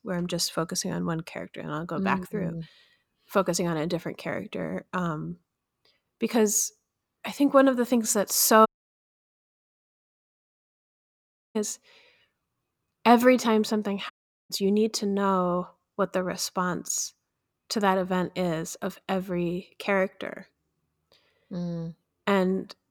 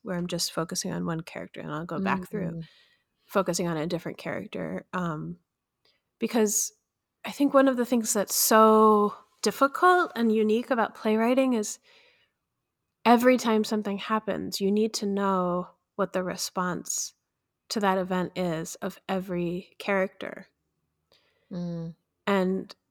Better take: second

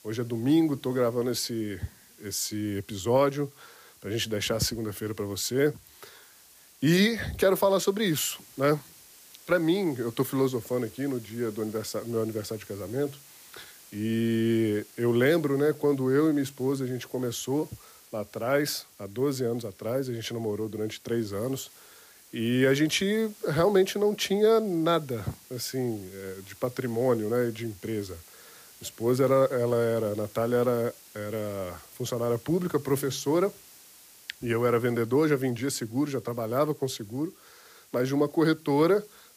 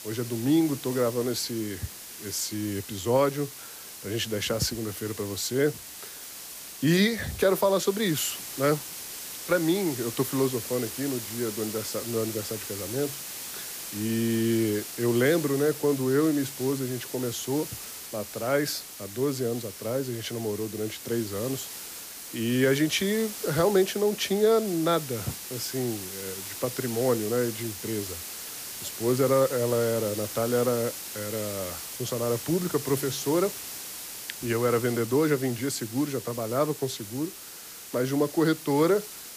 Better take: first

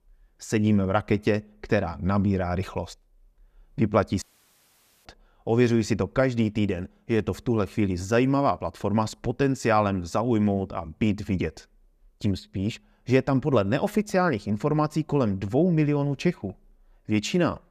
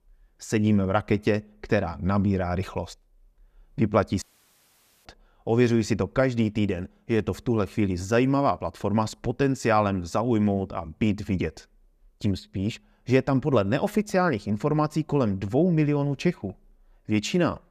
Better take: neither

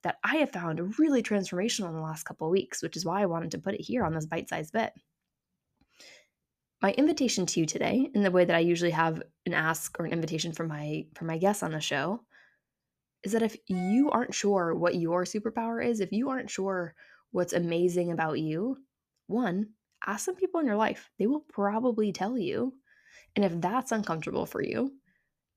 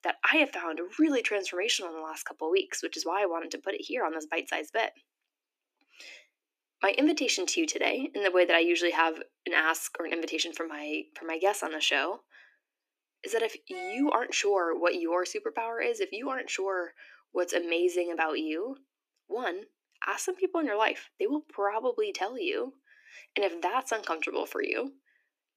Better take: first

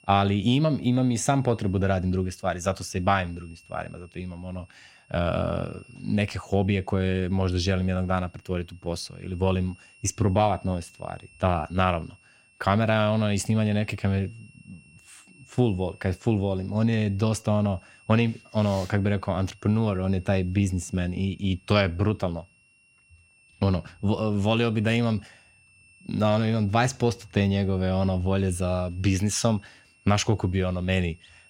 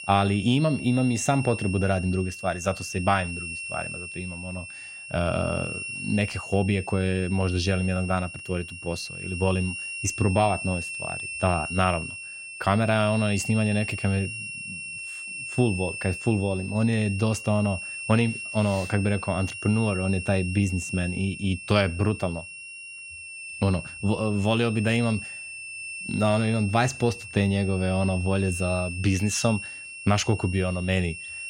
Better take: first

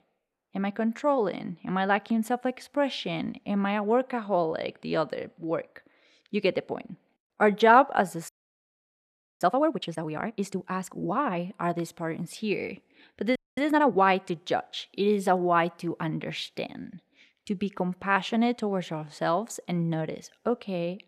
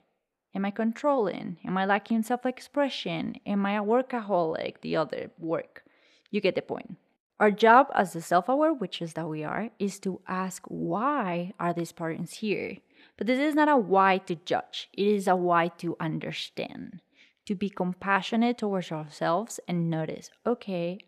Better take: second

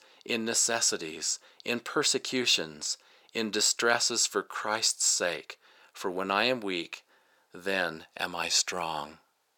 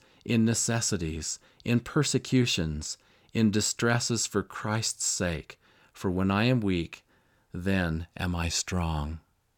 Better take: second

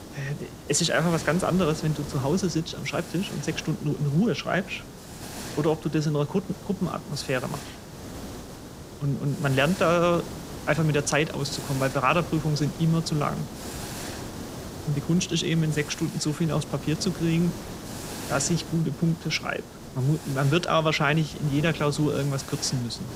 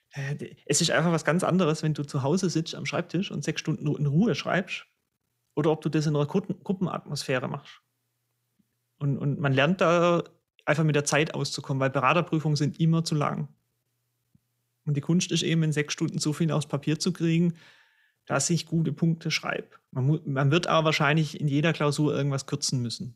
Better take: second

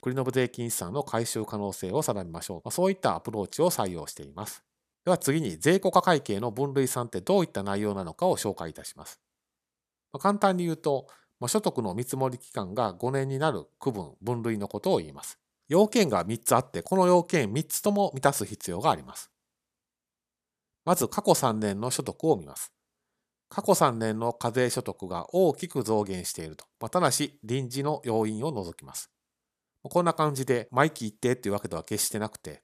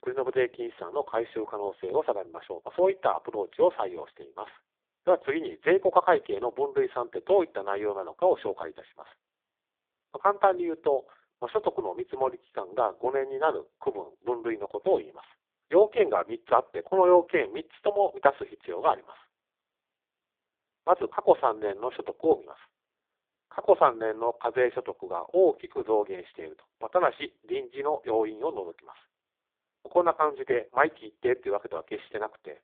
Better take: first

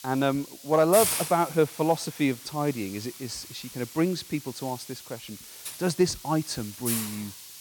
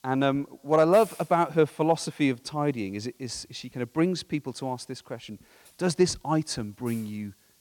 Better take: second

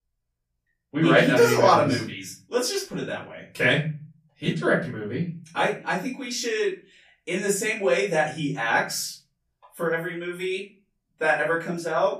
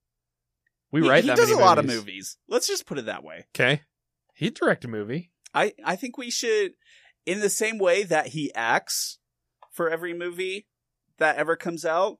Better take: second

